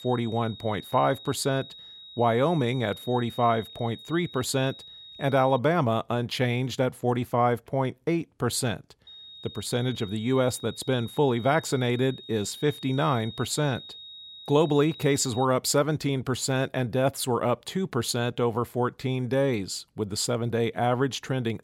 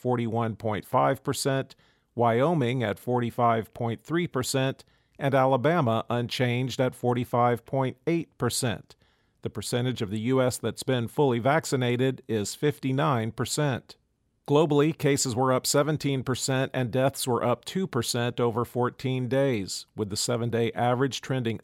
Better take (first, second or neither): second